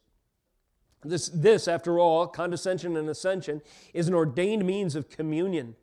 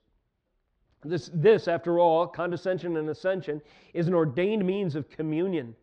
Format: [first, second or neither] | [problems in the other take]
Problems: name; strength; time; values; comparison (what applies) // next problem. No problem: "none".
first | muffled; slightly; fading above 3.5 kHz